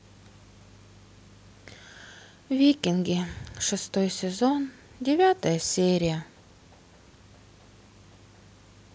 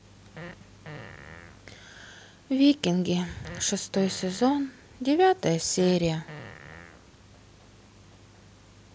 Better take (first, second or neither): first